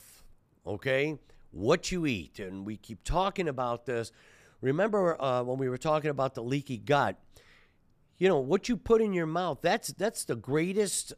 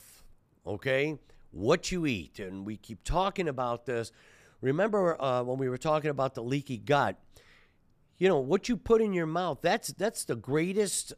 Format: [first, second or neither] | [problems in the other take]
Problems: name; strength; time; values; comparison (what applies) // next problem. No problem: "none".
neither | none